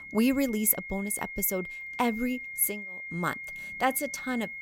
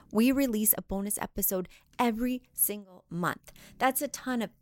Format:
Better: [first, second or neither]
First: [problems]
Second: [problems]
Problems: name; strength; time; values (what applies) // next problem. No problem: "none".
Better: second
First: high-pitched whine; loud; throughout; 2 kHz, 9 dB below the speech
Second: none